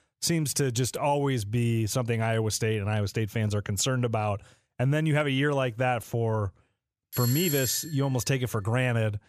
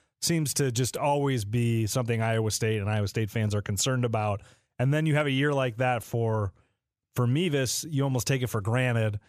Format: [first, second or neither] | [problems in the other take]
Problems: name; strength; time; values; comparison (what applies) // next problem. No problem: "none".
second | doorbell; noticeable; at 7 s; peak 2 dB below the speech